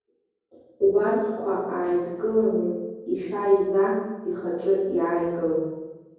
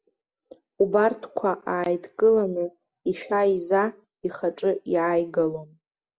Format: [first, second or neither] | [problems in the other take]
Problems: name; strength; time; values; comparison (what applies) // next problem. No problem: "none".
second | room echo; dies away in 1.3 s